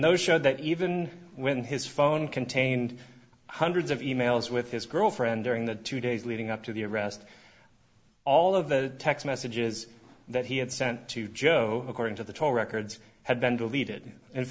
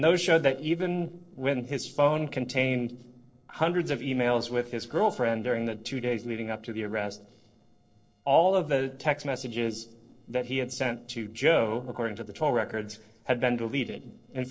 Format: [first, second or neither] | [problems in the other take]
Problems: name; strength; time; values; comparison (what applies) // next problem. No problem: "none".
first | noise reduction (neural separator model SepFormer DNS4)